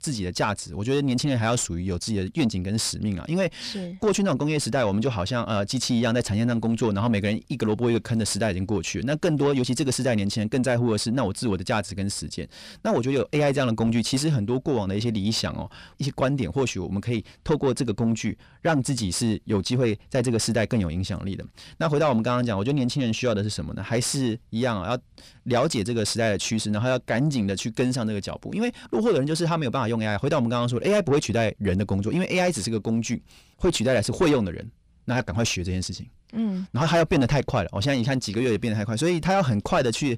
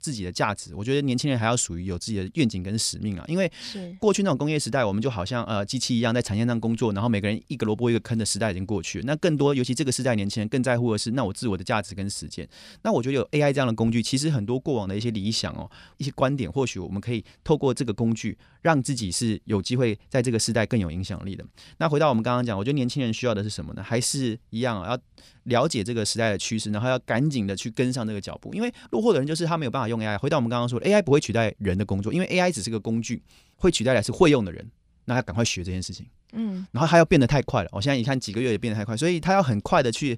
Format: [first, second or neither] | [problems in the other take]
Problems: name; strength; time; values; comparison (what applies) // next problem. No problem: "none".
second | distortion; slight; 10 dB below the speech